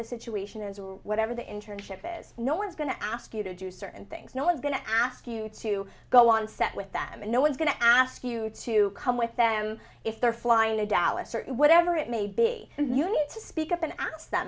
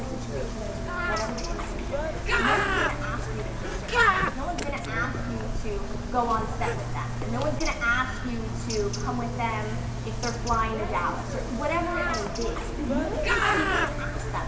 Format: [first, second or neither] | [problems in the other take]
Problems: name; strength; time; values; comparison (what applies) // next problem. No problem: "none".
first | background sound (Bird); 3 dB above the speech // room echo; dies away in 2 s